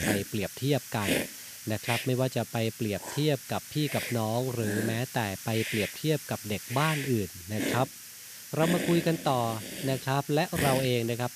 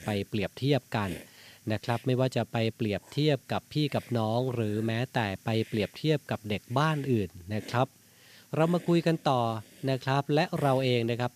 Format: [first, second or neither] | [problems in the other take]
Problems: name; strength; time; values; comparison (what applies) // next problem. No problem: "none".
second | hiss; loud; throughout; 5 dB below the speech; faint in the second